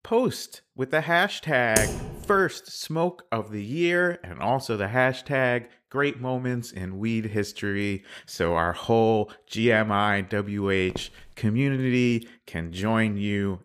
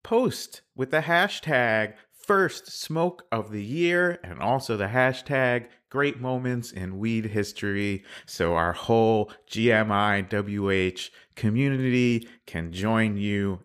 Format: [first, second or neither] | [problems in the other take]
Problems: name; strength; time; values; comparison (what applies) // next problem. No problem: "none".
second | keyboard typing; loud; at 2 s; peak level with the speech // footsteps; faint; at 11 s; peak 15 dB below the speech